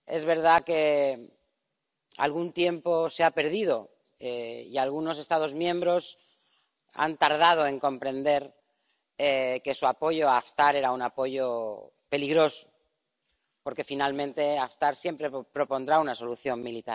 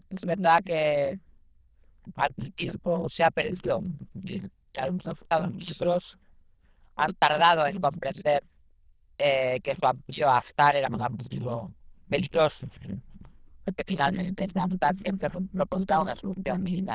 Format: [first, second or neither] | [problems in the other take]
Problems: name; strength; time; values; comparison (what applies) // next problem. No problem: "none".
first | noise reduction (neural diffusion model UNIVERSE++)